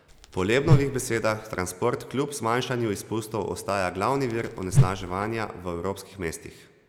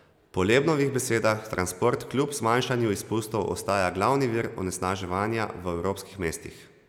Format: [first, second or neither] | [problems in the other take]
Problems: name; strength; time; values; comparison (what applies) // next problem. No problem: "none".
second | background sound (Whoosh, swoosh, swish); 2 dB above the speech